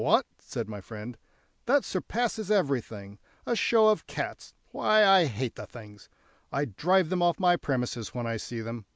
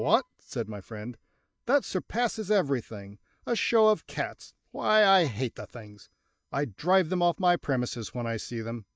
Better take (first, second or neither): first